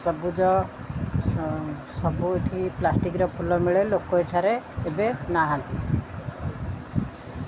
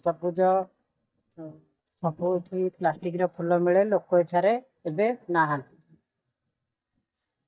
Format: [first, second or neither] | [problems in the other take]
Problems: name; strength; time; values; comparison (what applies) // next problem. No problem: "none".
first | noise reduction (neural mask model DeepFilterNet 3)